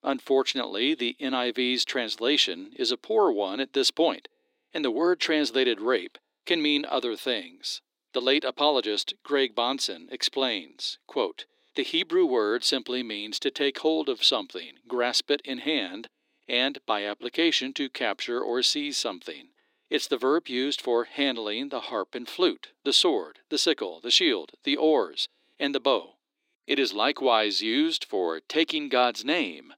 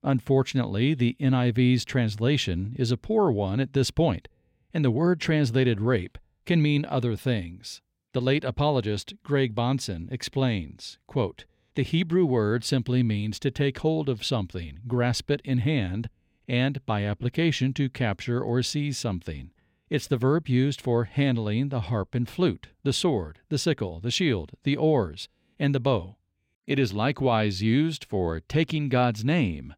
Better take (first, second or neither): second